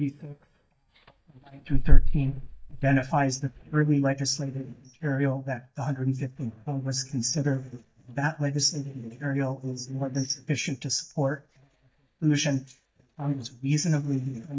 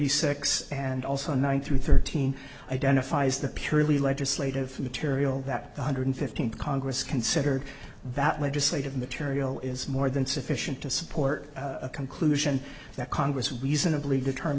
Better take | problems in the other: second | noise reduction (neural mask model DeepFilterNet 3)

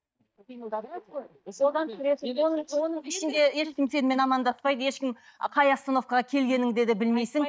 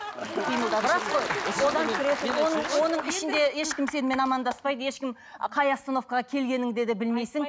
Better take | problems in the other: second | noise reduction (neural mask model DeepFilterNet 3)

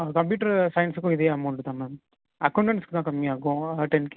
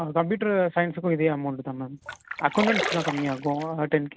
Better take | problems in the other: first | background sound (Splash, splatter); 6 dB below the speech

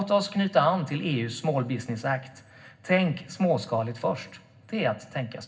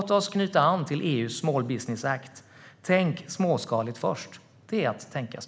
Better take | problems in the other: second | room echo; dies away in 0.4 s

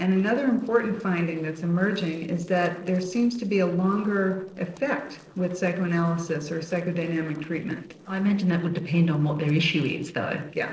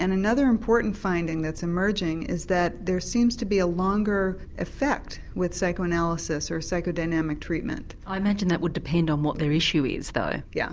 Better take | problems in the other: second | noise reduction (neural separator model SepFormer DNS4)

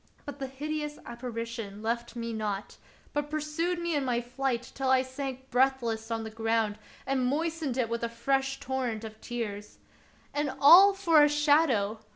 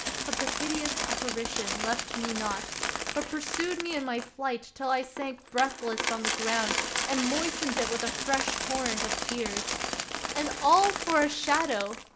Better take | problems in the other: first | background sound (Coin (dropping)); 2 dB below the speech

